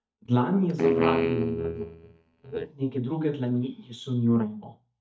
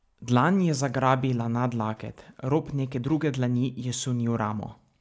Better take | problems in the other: second | noise reduction (neural mask model DeepFilterNet 3)

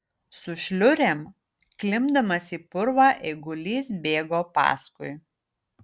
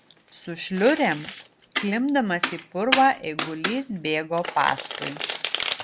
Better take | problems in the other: first | background sound (Domestic sounds, home sounds); 7 dB below the speech

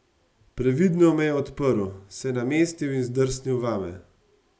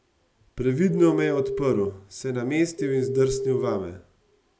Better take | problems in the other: first | background sound (Telephone); 2 dB below the speech

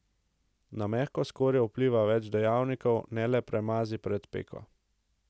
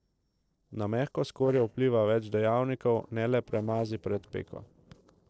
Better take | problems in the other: first | noise reduction (neural separator model SepFormer DNS4)

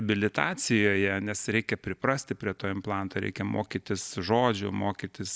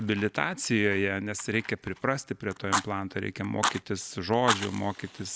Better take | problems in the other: first | background sound (Fire); 6 dB below the speech

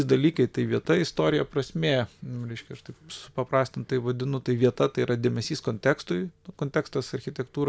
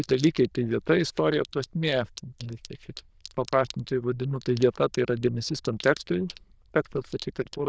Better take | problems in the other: first | noise reduction (neural diffusion model UNIVERSE++)

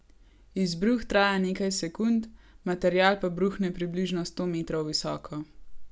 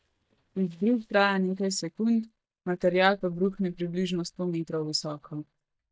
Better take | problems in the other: first | noise reduction (neural mask model DeepFilterNet 3)

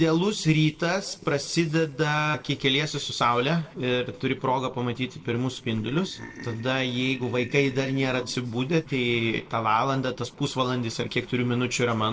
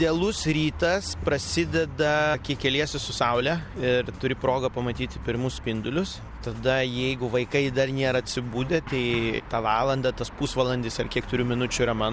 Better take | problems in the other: second | noise reduction (neural separator model SepFormer DNS4)

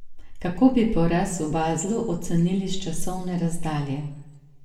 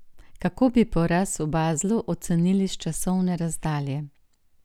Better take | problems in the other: second | room echo; dies away in 0.8 s

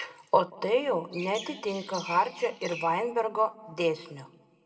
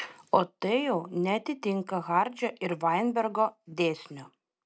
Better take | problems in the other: second | background sound (Chirp, tweet); 14 dB below the speech // room echo; dies away in 1 s

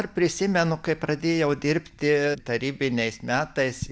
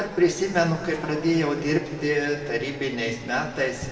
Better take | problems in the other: first | background sound (Race car, auto racing / Accelerating, revving, vroom); 17 dB below the speech // room echo; dies away in 1.8 s

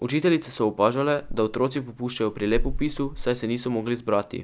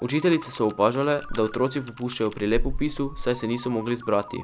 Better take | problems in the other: first | background sound (Ringtone + Computer keyboard); 20 dB below the speech

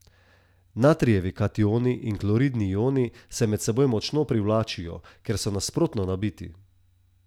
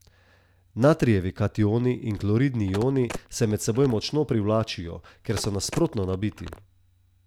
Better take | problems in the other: first | background sound (Telephone); 15 dB below the speech

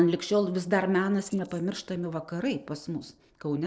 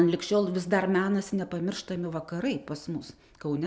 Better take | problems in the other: second | noise reduction (neural separator model SepFormer DNS4)

